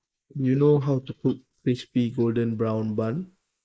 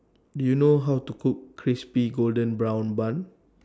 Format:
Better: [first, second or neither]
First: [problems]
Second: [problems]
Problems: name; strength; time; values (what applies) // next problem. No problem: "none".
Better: second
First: noise reduction (neural mask model Resemble Enhance denoiser)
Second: none